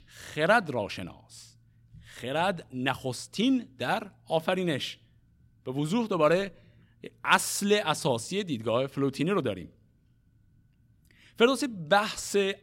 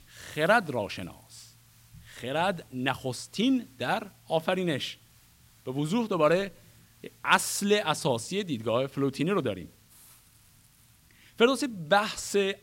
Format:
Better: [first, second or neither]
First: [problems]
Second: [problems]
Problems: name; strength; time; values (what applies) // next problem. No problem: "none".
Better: first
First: none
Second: hiss; faint; throughout; 30 dB below the speech